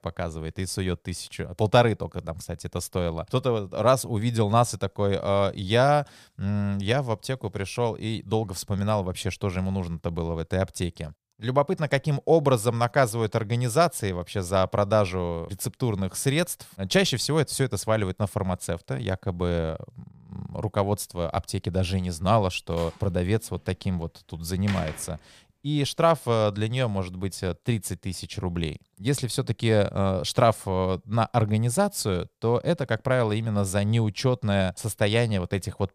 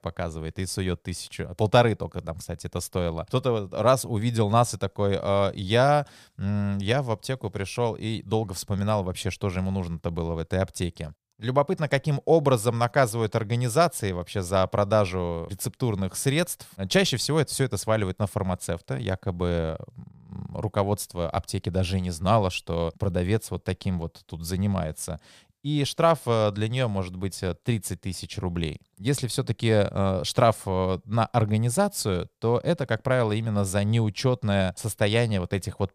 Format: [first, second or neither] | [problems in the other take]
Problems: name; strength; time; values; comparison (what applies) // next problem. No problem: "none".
second | door banging; noticeable; from 23 to 25 s; peak 10 dB below the speech